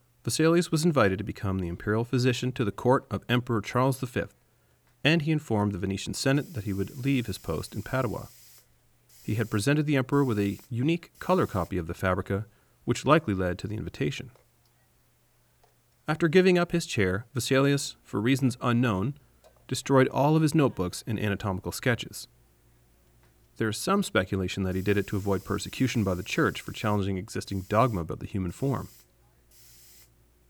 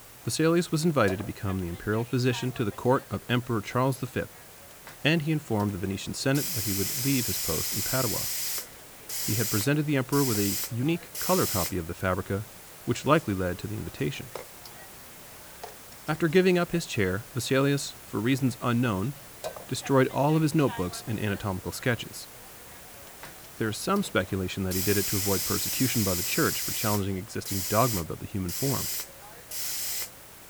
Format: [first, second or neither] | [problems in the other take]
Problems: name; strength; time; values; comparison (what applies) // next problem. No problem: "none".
first | hiss; loud; throughout; 2 dB below the speech; faint in the first